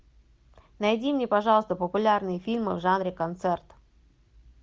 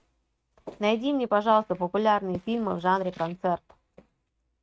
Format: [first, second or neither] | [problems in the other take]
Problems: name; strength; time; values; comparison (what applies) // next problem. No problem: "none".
first | noise reduction (neural mask model RNNoise)